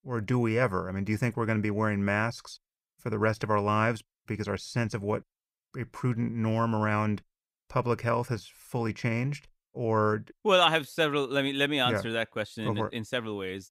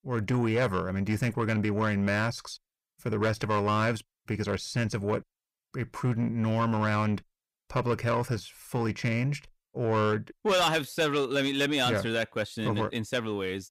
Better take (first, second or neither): first